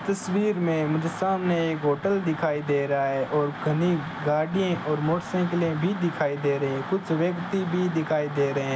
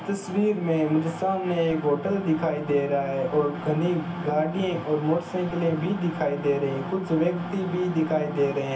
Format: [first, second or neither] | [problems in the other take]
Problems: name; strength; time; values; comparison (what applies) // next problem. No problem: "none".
first | background sound (Organ); 10 dB below the speech // room echo; dies away in 0.3 s